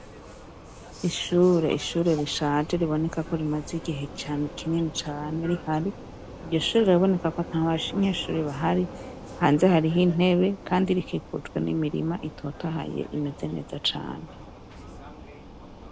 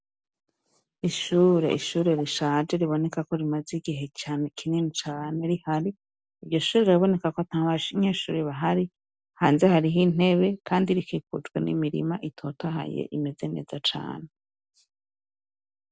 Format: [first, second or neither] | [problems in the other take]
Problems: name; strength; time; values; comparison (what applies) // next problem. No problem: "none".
second | background sound (Vehicle); 15 dB below the speech